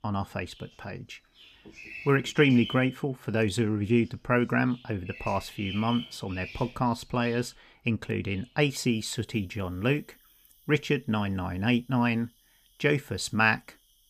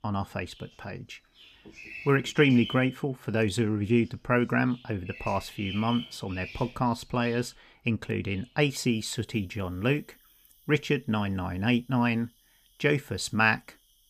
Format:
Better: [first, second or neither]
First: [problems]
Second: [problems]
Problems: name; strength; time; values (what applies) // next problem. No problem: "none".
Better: neither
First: animal sounds; noticeable; throughout; 15 dB below the speech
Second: animal sounds; noticeable; throughout; 15 dB below the speech